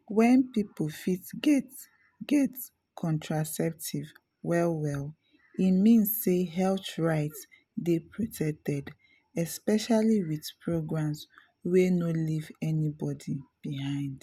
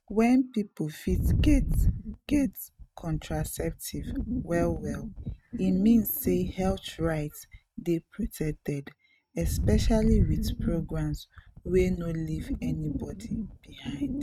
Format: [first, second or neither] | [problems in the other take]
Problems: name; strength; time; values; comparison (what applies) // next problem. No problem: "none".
first | noise reduction (neural mask model RNNoise)